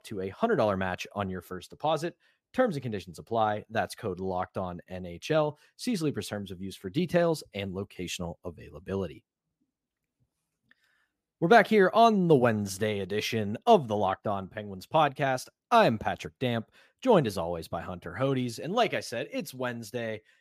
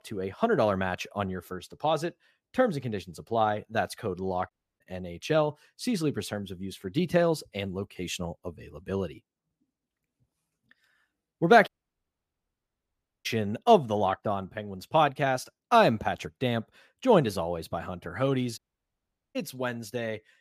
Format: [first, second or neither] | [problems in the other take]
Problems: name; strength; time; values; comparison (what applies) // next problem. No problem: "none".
first | audio cutting out; at 4.5 s, at 12 s for 1.5 s and at 19 s for 1 s